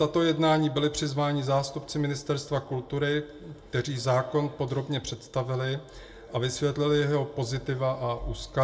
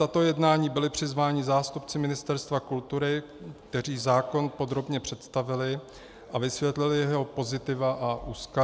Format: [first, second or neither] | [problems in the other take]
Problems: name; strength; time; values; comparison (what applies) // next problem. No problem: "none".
second | room echo; dies away in 0.2 s